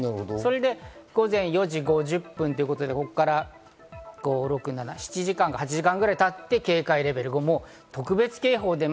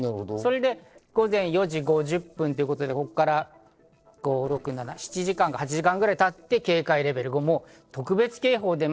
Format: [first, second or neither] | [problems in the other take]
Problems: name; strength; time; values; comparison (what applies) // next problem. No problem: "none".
first | noise reduction (neural separator model SepFormer DNS4)